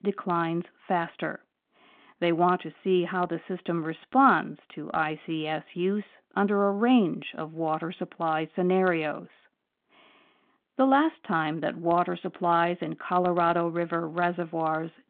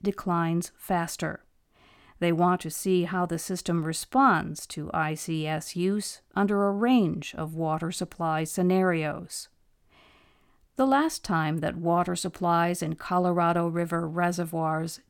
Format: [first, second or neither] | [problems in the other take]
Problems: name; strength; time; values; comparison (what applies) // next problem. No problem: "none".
second | phone-call audio